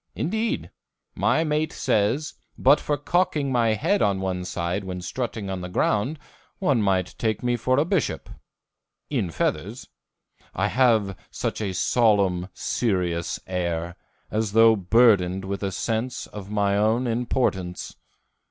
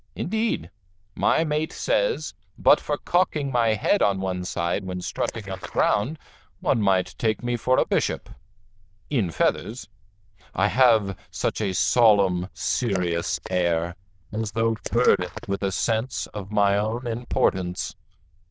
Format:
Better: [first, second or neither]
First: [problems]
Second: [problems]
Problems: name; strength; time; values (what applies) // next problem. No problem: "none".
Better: first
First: none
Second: noise reduction (neural diffusion model UNIVERSE++)